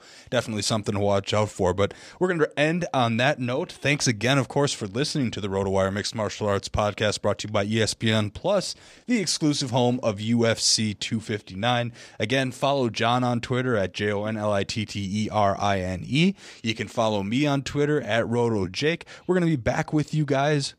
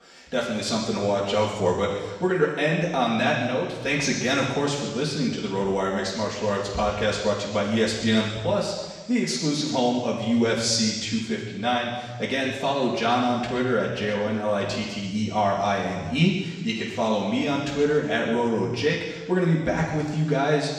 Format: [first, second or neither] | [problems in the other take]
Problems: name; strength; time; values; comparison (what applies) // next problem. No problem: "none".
first | room echo; noticeable; dies away in 1.3 s // off-mic speech; far